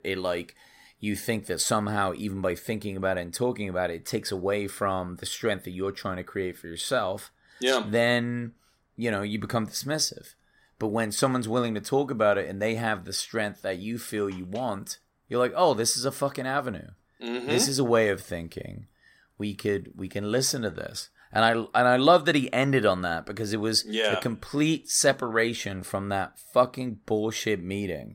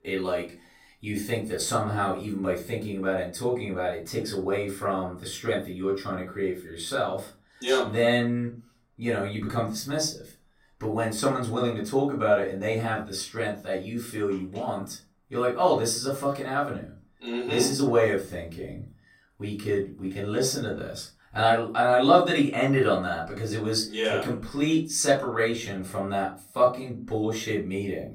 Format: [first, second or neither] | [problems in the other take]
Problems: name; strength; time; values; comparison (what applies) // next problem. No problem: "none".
first | off-mic speech; far // room echo; slight; dies away in 0.3 s